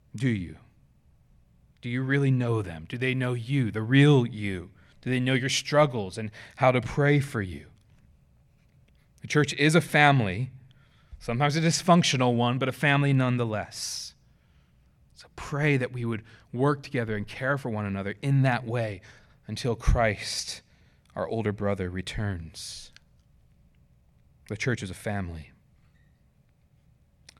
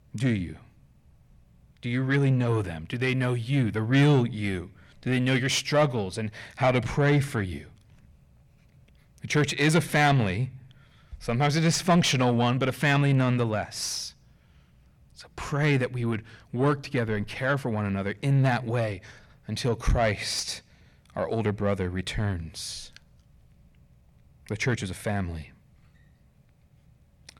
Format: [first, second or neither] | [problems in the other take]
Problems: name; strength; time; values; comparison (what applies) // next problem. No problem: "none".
first | distortion; slight; 10 dB below the speech